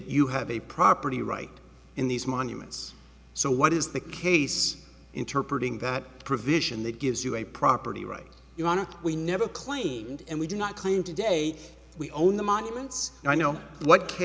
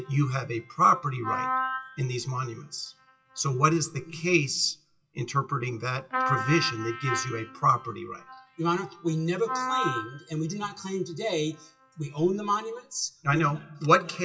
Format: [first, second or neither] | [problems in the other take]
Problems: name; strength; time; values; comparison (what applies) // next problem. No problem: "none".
first | noise reduction (classical method WPE with log-MMSE)